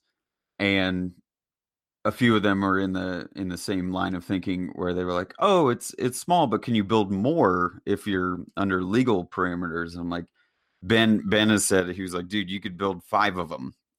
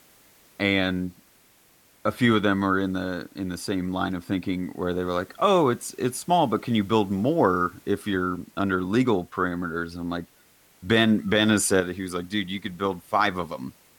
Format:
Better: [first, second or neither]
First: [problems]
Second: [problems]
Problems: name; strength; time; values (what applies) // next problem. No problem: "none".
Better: first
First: none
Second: hiss; faint; throughout; 30 dB below the speech